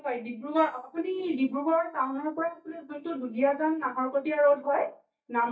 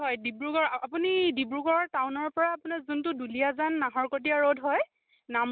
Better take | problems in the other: second | noise reduction (neural mask model DeepFilterNet 3)

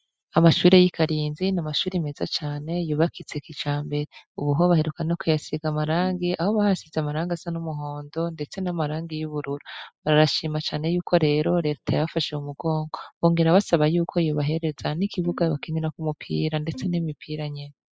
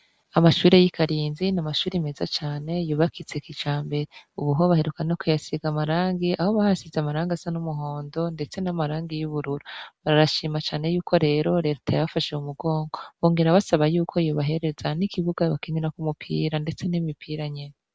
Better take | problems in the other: second | noise reduction (classical method spectral subtraction)

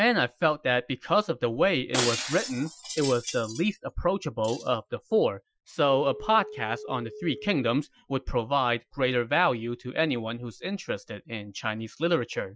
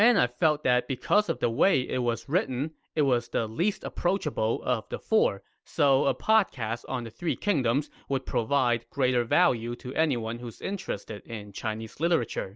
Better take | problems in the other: second | noise reduction (classical method Wiener filter)

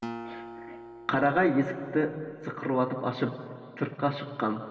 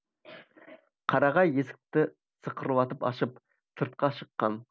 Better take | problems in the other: second | background sound (Acoustic guitar); 15 dB below the speech // room echo; dies away in 2.9 s

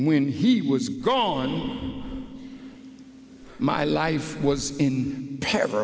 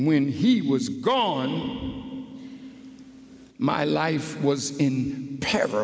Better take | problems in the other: second | background sound (Breathing); 18 dB below the speech

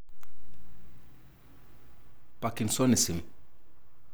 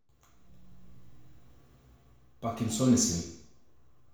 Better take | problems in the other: first | room echo; dies away in 0.6 s

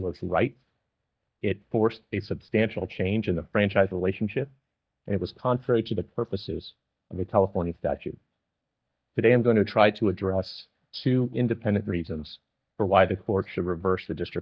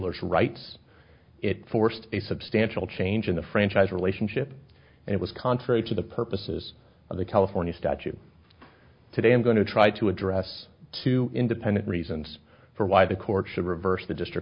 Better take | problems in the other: second | noise reduction (neural mask model DeepFilterNet 3)

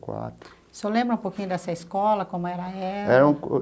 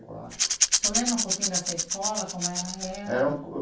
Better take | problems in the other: first | background sound (Rattle / Rattle (instrument)); 3 dB above the speech // room echo; dies away in 0.3 s

